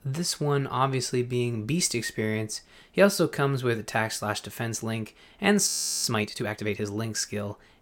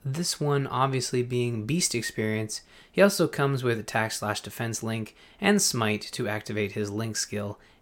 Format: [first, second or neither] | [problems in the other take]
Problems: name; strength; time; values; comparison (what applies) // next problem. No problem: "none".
second | audio freezing; at 5.5 s